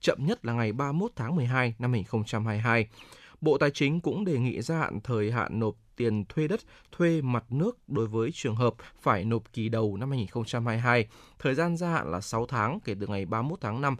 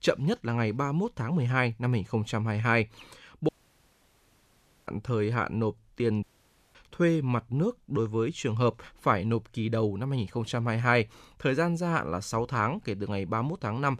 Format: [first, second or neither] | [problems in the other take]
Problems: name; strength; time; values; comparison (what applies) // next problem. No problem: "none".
first | audio cutting out; at 3.5 s for 1.5 s and at 6 s for 0.5 s